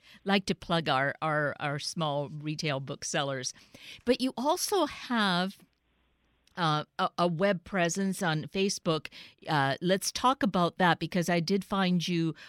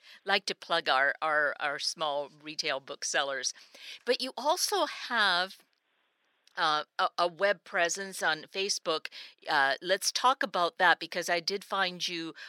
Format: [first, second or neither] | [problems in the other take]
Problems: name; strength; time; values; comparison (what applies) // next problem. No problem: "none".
first | thin; very; fading below 550 Hz